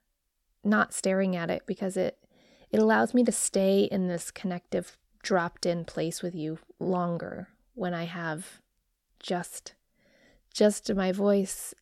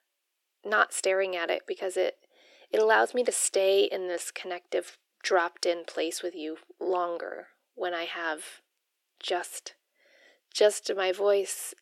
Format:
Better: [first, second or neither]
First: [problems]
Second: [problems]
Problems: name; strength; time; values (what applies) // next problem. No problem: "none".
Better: first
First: none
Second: thin; very; fading below 350 Hz